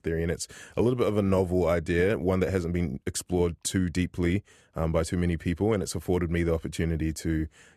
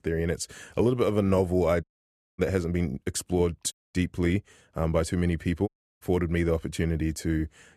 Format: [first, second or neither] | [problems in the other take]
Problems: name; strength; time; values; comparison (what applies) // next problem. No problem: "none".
first | audio cutting out; at 2 s for 0.5 s, at 3.5 s and at 5.5 s